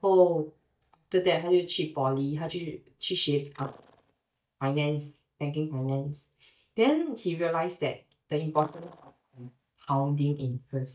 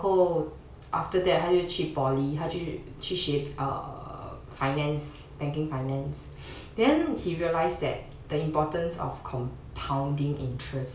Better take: second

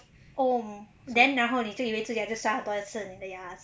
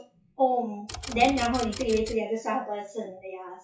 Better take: first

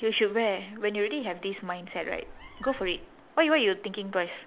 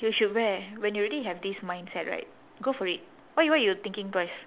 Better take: second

